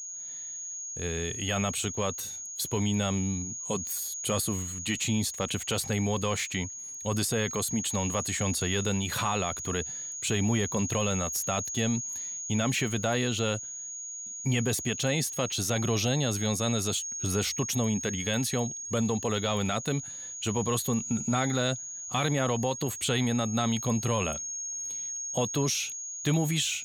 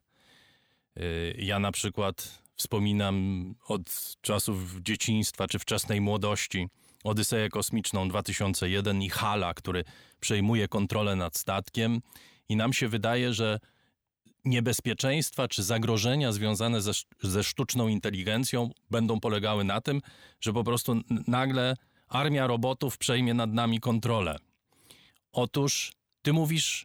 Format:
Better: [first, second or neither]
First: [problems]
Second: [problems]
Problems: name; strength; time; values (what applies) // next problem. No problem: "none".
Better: second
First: high-pitched whine; loud; throughout; 6.5 kHz, 5 dB below the speech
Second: none